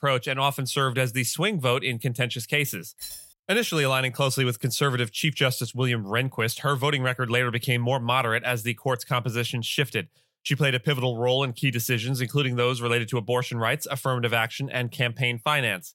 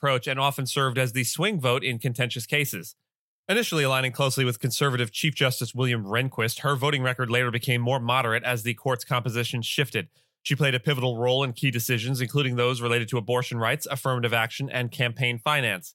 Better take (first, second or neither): second